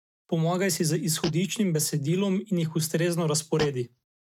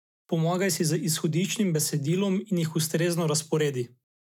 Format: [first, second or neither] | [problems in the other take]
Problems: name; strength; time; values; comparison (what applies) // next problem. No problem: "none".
second | noise reduction (neural mask model RNNoise)